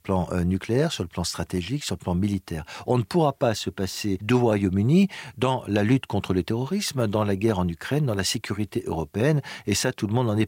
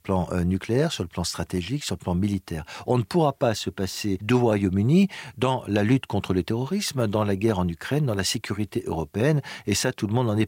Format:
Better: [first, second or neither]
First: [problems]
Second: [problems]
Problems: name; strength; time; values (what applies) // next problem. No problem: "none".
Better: neither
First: none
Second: none